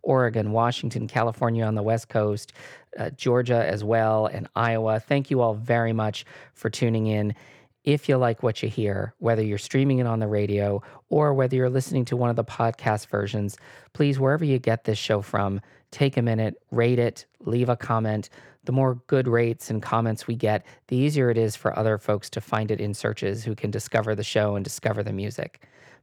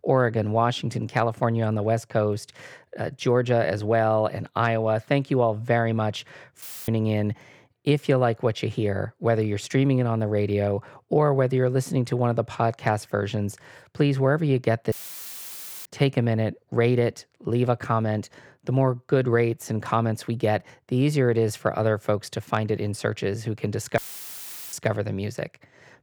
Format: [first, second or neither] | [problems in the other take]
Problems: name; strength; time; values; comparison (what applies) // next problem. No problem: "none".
first | audio cutting out; filled with static; at 6.5 s, at 15 s for 1 s and at 24 s for 1 s